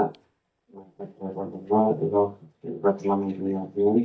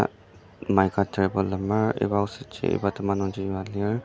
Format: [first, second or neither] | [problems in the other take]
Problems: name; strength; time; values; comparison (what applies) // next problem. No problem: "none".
second | noise reduction (neural mask model DeepFilterNet 3)